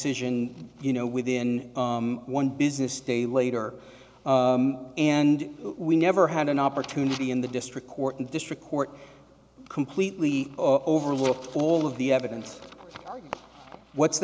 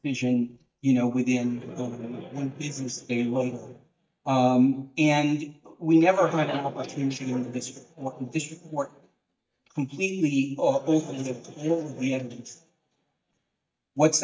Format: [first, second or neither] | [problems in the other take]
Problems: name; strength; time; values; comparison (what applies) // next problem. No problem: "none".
first | noise reduction (neural mask model DeepFilterNet 3)